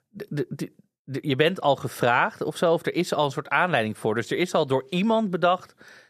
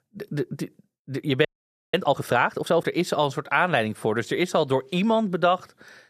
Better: first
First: none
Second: audio freezing; at 1.5 s

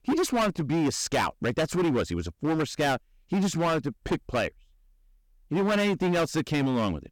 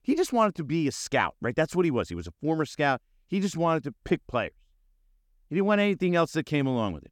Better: second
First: distortion; heavy; 17% of the sound clipped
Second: none

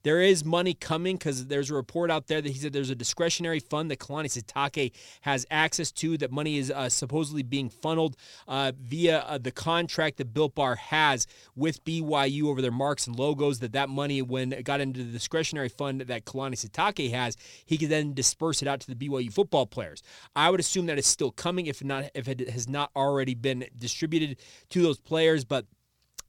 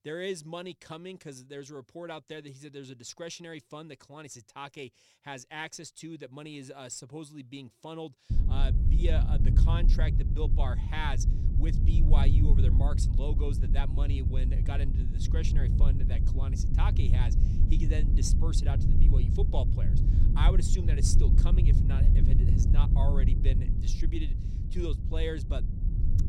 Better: first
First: none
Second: low rumble; loud; from 8.5 s on; 3 dB below the speech

